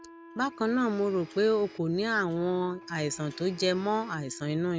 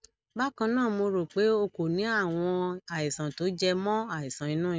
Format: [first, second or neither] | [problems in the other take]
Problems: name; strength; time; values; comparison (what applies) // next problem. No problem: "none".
second | background sound (Wind instrument, woodwind instrument + Domestic sounds, home sounds); 20 dB below the speech